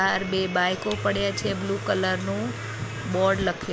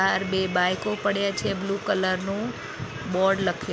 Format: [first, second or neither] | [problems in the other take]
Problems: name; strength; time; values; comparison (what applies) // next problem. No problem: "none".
second | background sound (Domestic sounds, home sounds); 11 dB below the speech